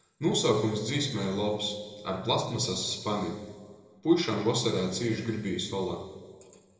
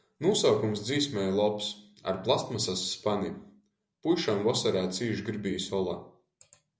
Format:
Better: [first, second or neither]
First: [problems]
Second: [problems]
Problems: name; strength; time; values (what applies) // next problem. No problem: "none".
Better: second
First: room echo; dies away in 1.6 s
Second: none